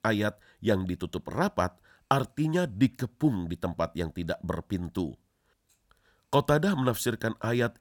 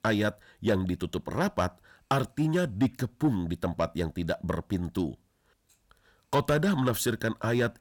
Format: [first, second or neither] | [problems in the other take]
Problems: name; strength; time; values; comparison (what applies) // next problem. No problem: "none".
first | distortion; slight; 10 dB below the speech